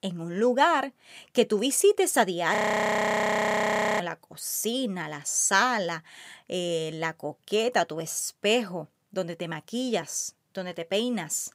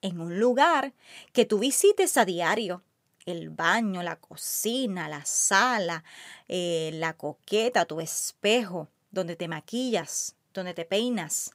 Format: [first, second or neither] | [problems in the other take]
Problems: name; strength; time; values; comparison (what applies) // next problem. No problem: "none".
second | audio freezing; at 2.5 s for 1.5 s